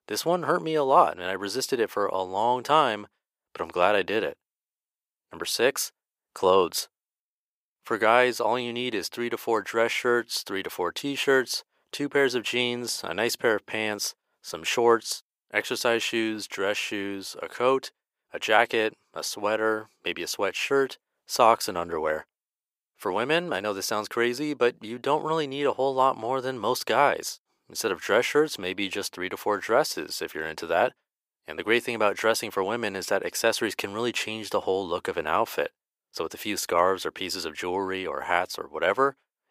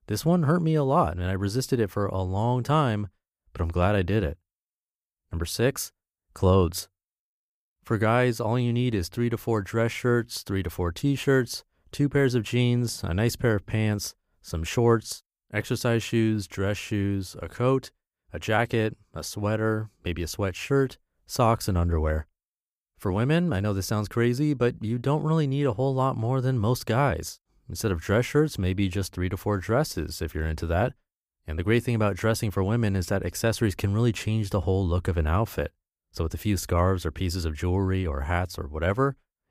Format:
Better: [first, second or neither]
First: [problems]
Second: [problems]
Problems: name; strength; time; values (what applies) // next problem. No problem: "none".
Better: second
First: thin; very; fading below 450 Hz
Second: none